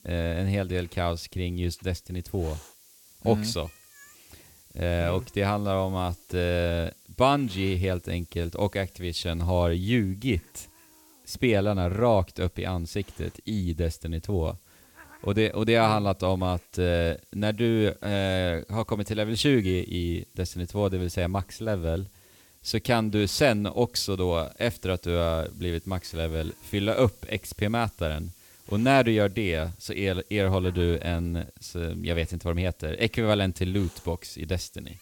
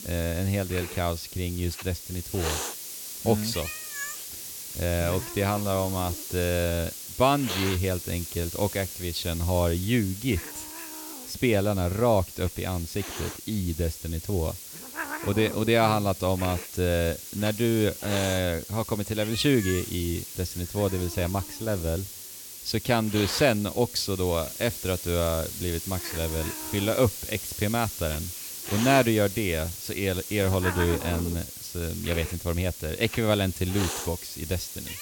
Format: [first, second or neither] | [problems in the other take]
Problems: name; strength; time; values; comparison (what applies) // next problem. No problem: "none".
first | hiss; loud; throughout; 8 dB below the speech; faint in the first